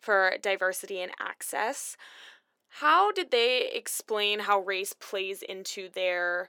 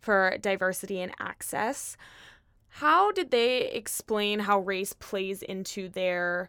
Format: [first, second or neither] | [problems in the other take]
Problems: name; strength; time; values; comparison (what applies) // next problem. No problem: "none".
second | thin; somewhat; fading below 350 Hz